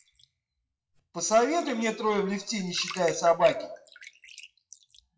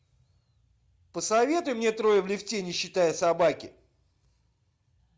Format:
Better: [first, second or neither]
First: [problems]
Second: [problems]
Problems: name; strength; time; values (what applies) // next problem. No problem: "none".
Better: second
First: noise reduction (classical method WPE with log-MMSE)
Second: none